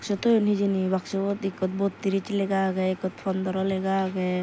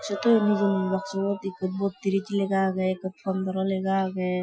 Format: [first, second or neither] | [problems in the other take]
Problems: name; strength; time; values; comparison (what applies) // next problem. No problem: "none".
first | noise reduction (classical method Wiener filter)